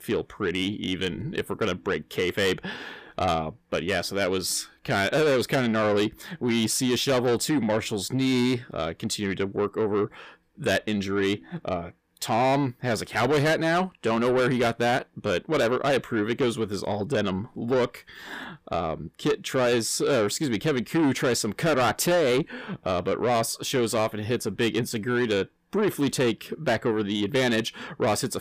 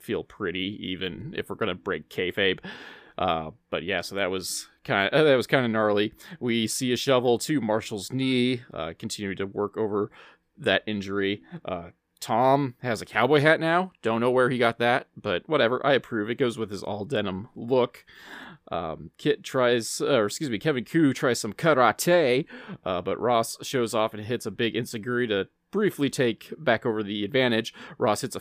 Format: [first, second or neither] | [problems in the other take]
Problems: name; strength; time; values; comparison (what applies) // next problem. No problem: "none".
second | distortion; heavy; 8 dB below the speech